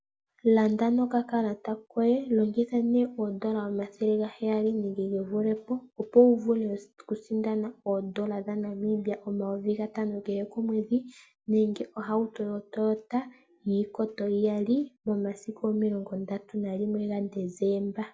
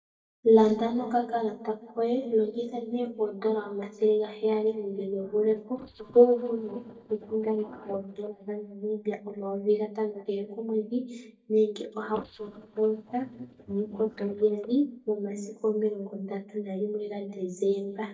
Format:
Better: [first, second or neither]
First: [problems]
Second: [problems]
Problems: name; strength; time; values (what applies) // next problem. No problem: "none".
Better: first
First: none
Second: noise reduction (neural mask model DeepFilterNet 3)